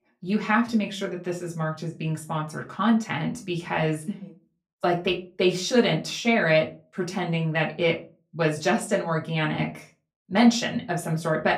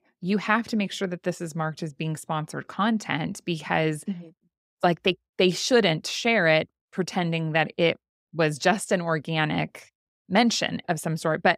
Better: second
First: off-mic speech; far // room echo; very slight; dies away in 0.3 s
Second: none

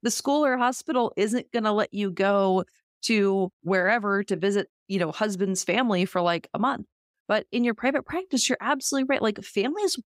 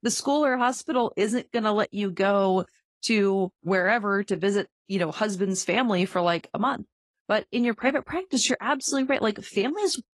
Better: first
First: none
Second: garbled, watery; slightly; nothing above 11 kHz

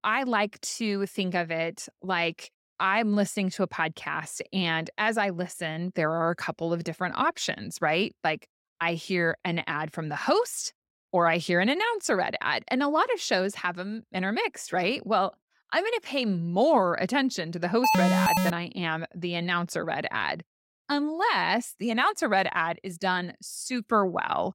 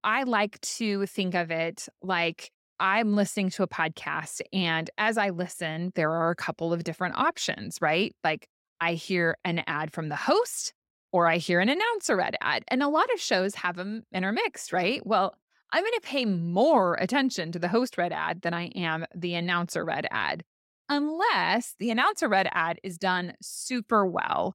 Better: second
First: alarm; loud; at 18 s; peak 5 dB above the speech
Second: none

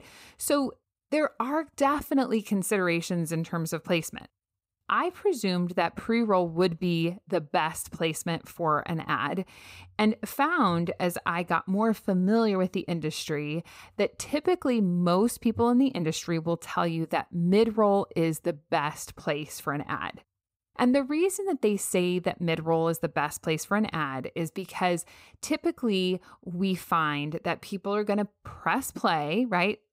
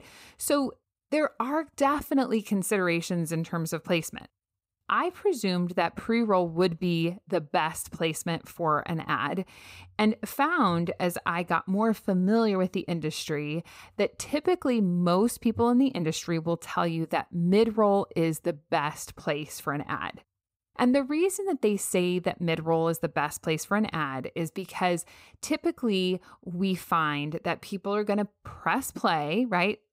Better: neither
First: none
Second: none

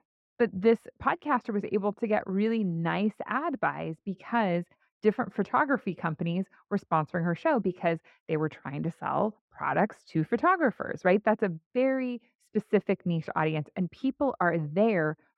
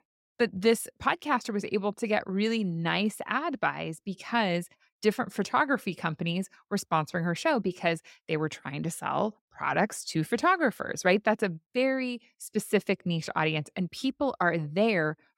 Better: second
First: muffled; very; fading above 4 kHz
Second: none

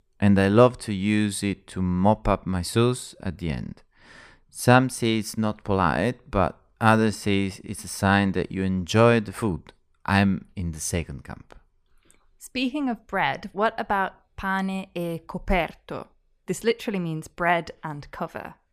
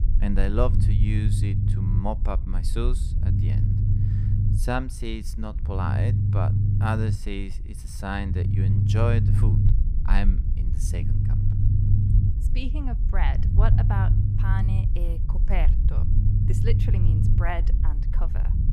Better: first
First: none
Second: low rumble; loud; throughout; 4 dB below the speech

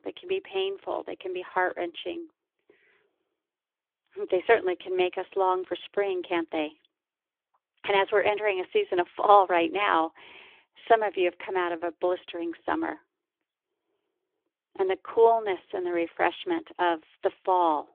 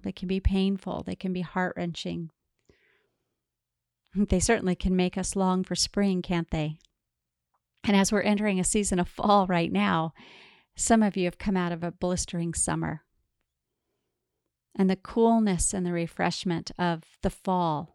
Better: second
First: phone-call audio; nothing above 3.5 kHz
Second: none

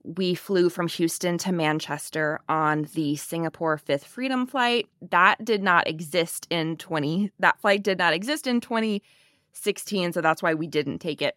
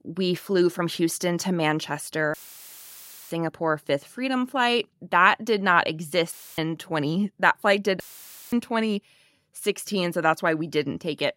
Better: first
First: none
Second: audio cutting out; filled with static; at 2.5 s for 1 s, at 6.5 s and at 8 s for 0.5 s

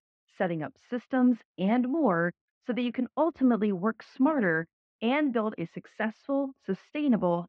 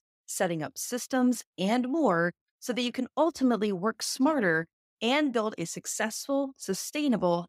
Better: second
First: muffled; very; fading above 2.5 kHz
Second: none

